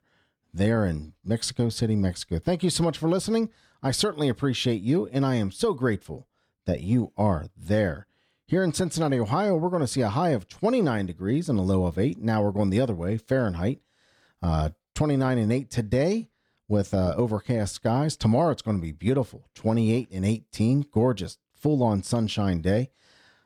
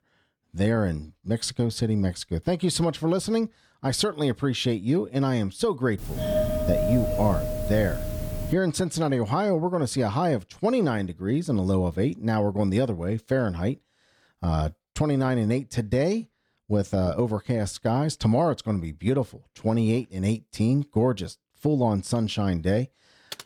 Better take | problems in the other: first | doorbell; loud; from 6 to 8.5 s; peak 1 dB above the speech // keyboard typing; faint; at 23 s; peak 15 dB below the speech

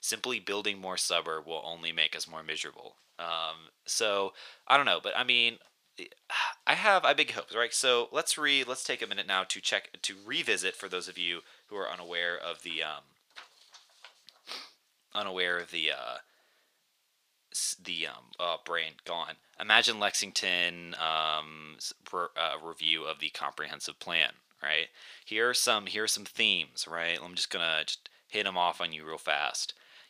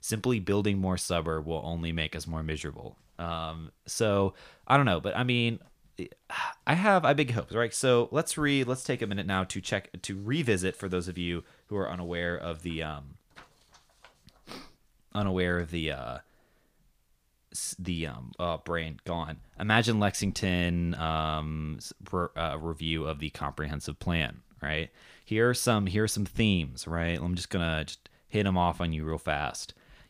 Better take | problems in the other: second | thin; very; fading below 550 Hz

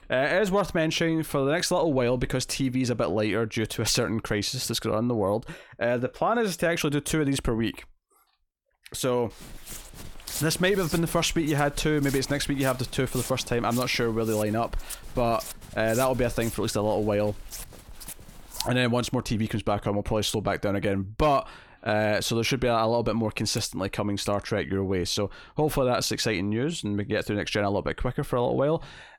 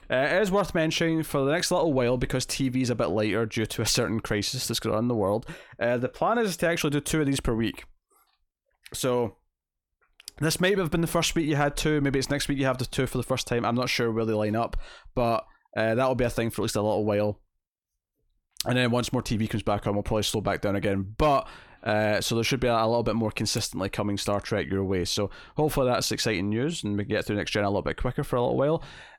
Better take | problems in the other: second | footsteps; noticeable; from 9.5 to 19 s; peak 7 dB below the speech

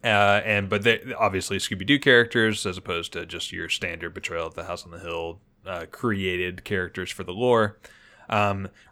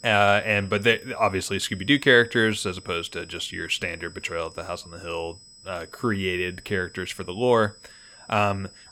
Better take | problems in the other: first | high-pitched whine; faint; throughout; 5 kHz, 25 dB below the speech

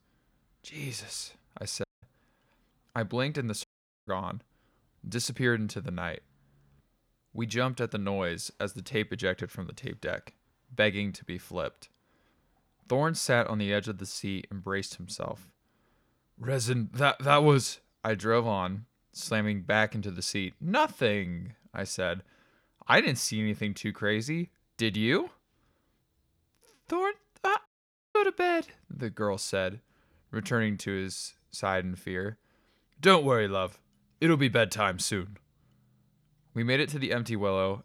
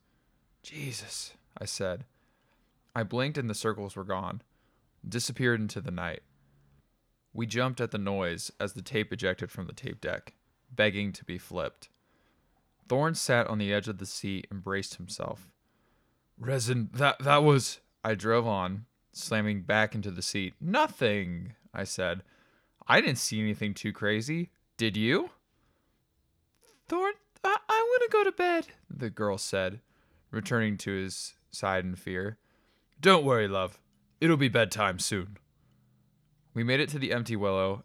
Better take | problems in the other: second | audio cutting out; at 2 s, at 3.5 s and at 28 s

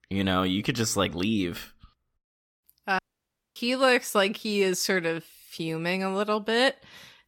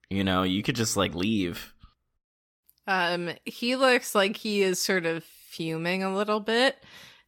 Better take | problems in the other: second | audio cutting out; at 3 s for 0.5 s

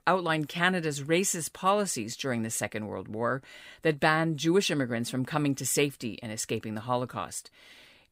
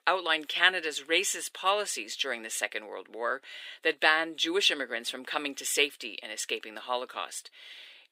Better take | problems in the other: first | thin; very; fading below 350 Hz

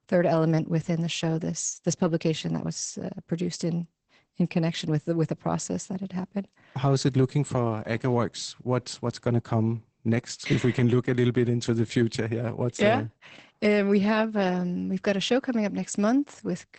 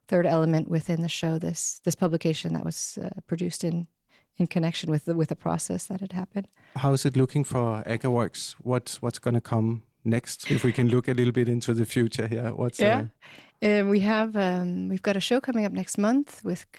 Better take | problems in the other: second | garbled, watery; badly; nothing above 8 kHz; slightly in the second

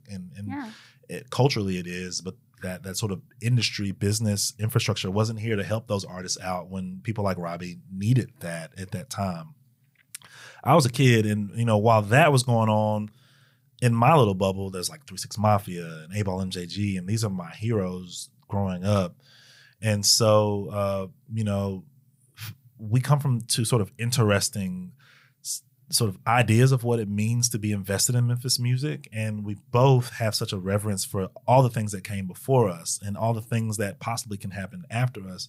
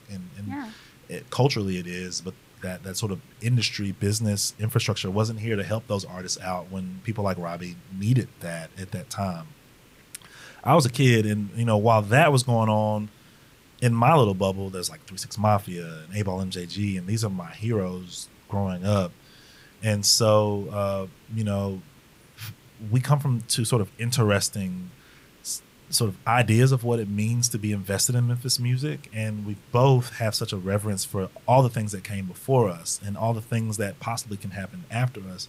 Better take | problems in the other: first | hiss; faint; throughout; 30 dB below the speech

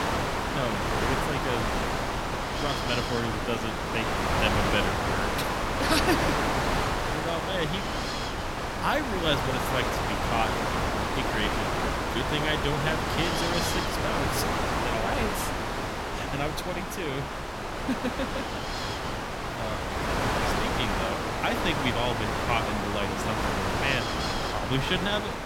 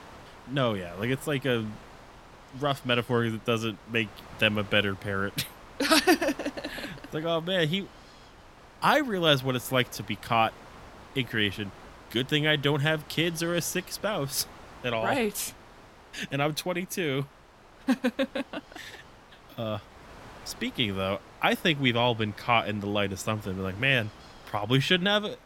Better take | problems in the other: second | wind noise on the microphone; heavy; 3 dB above the speech; occasional gusts in the second

